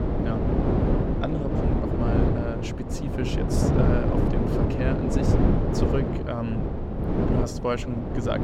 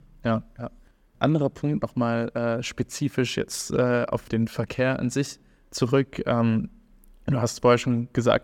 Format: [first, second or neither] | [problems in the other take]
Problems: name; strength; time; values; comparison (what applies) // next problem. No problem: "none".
second | wind noise on the microphone; heavy; 3 dB above the speech